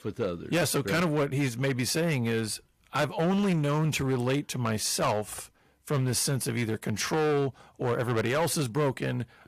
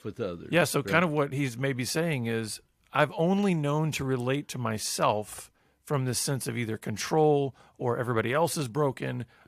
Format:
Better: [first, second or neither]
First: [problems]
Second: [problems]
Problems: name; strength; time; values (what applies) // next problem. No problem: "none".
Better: second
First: distortion; heavy; 12% of the sound clipped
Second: none